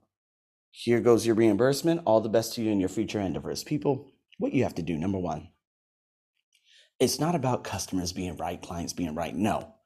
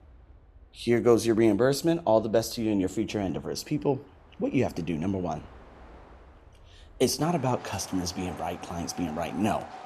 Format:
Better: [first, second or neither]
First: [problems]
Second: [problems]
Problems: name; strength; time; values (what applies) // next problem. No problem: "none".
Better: first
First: none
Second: train or aircraft noise; faint; throughout; 20 dB below the speech